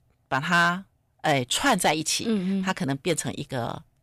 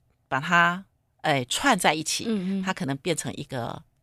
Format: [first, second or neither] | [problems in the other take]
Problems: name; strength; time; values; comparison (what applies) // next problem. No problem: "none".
second | distortion; slight; 1.9% of the sound clipped